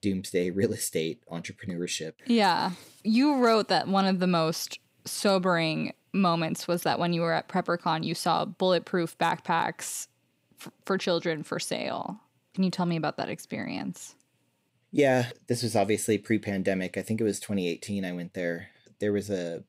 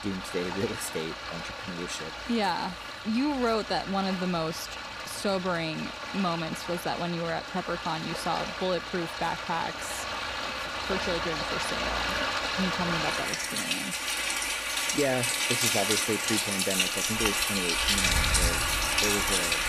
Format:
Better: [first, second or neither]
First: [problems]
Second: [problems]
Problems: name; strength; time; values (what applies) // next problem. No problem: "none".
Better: first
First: none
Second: rain or running water; very loud; throughout; 3 dB above the speech